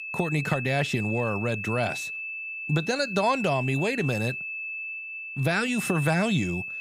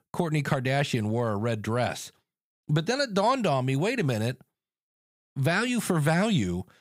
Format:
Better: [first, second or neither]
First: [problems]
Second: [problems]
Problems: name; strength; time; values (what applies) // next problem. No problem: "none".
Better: second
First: high-pitched whine; loud; throughout; 2.5 kHz, 5 dB below the speech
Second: none